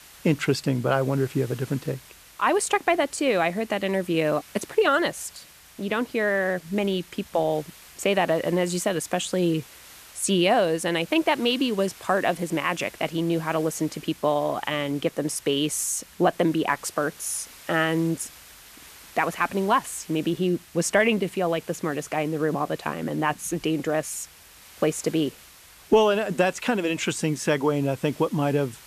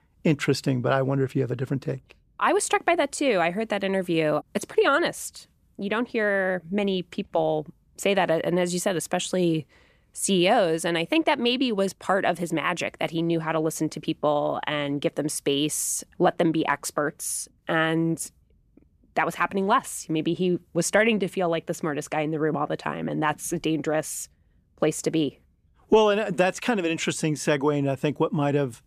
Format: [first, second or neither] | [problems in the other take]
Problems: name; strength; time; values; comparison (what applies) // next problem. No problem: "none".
second | hiss; faint; throughout; 20 dB below the speech